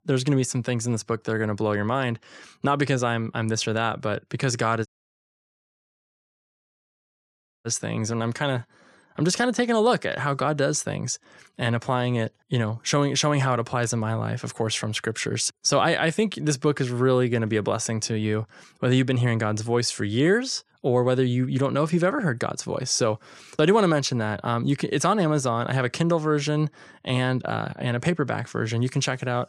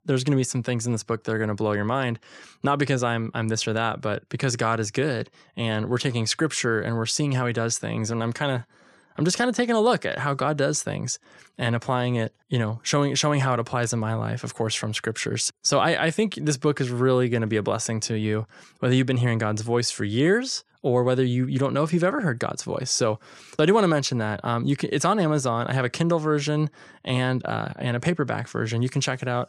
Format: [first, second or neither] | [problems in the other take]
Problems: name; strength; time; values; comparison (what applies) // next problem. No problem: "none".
second | audio cutting out; at 5 s for 3 s